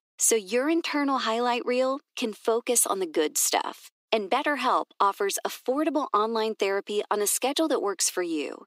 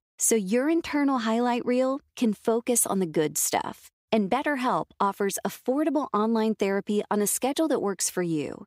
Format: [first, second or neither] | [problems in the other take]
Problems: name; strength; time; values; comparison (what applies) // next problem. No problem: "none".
second | thin; somewhat; fading below 300 Hz